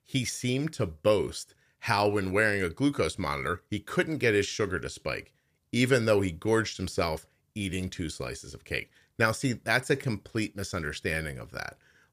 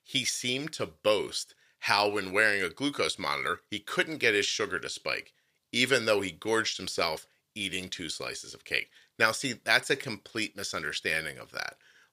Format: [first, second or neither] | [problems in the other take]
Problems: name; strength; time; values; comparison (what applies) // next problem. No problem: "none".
first | thin; somewhat; fading below 550 Hz